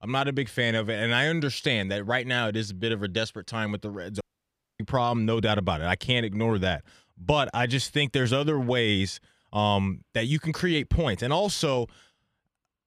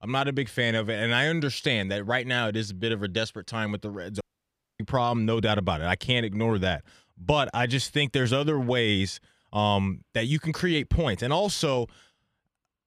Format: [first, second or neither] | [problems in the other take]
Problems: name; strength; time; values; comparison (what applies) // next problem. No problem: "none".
neither | audio cutting out; at 4 s for 0.5 s; the same in both